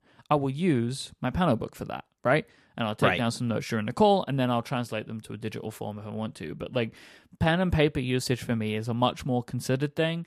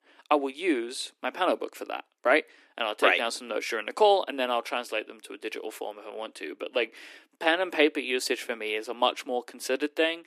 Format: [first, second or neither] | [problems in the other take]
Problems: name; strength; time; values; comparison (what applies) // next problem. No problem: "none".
first | thin; somewhat; fading below 300 Hz